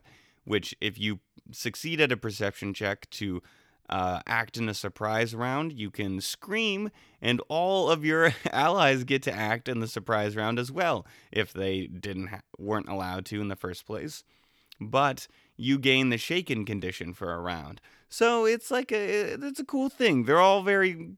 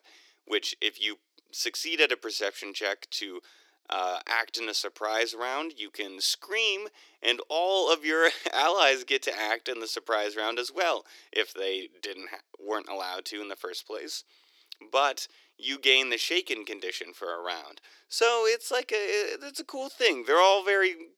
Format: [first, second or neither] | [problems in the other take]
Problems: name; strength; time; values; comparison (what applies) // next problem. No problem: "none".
first | thin; very; fading below 350 Hz